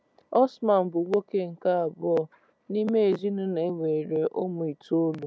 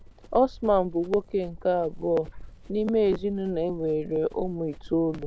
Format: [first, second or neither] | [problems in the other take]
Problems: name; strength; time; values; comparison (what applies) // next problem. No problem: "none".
first | background sound (Run); 15 dB below the speech